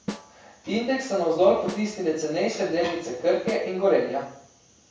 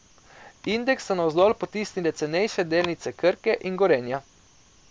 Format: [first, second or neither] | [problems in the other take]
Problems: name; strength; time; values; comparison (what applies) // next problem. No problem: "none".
second | background sound (Snare drum); 16 dB below the speech // room echo; dies away in 0.6 s